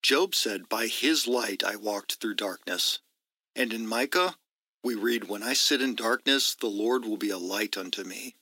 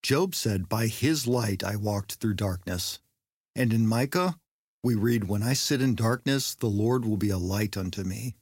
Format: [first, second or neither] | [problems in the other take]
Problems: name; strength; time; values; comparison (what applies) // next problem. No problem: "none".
second | thin; somewhat; fading below 250 Hz